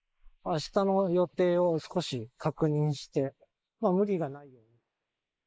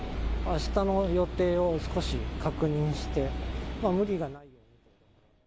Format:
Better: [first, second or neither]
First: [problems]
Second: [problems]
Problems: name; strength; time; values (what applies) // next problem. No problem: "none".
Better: second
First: noise reduction (neural mask model Resemble Enhance denoiser)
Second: none